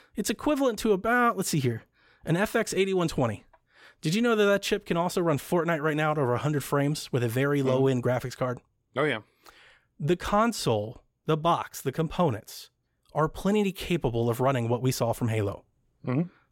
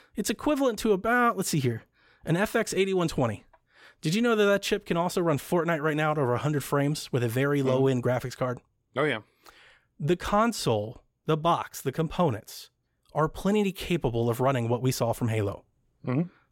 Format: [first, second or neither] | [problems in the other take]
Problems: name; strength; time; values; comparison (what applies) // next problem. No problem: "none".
neither | none